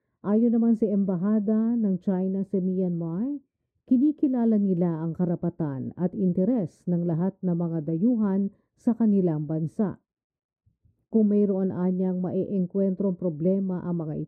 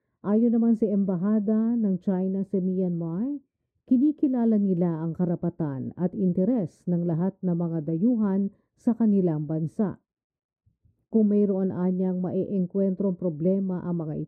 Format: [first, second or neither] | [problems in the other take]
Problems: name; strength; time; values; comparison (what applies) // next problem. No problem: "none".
neither | muffled; very; fading above 1 kHz; the same in both